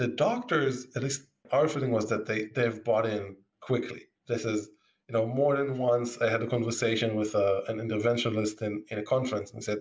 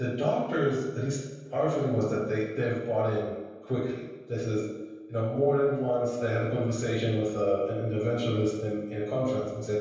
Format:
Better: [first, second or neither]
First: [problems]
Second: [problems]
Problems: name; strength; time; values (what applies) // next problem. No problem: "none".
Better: first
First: none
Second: room echo; dies away in 1.2 s